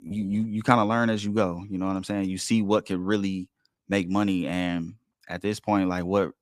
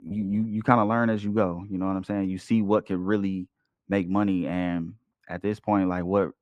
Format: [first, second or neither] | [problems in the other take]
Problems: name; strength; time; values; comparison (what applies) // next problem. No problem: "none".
first | muffled; slightly; fading above 3 kHz